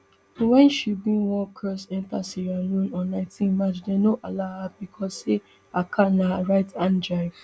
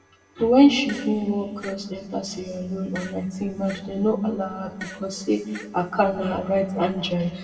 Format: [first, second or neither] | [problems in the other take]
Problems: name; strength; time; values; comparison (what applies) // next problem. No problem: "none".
first | background sound (Fart); 19 dB below the speech // room echo; dies away in 1.6 s